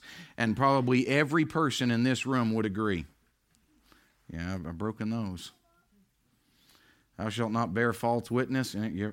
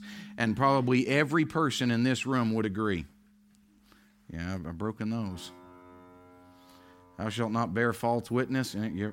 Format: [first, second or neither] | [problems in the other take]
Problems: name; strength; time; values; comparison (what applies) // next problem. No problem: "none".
first | background music; faint; throughout; 25 dB below the speech